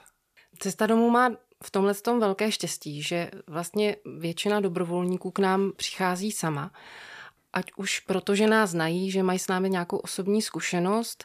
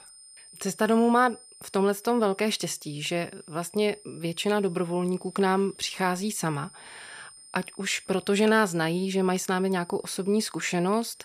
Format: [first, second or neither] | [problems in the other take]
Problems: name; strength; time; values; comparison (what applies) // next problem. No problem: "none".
first | high-pitched whine; faint; throughout; 9 kHz, 20 dB below the speech